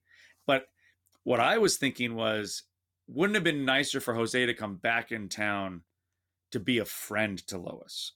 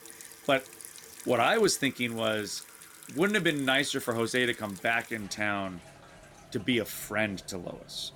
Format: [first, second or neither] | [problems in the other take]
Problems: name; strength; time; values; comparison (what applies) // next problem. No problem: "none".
first | household noises; noticeable; throughout; 20 dB below the speech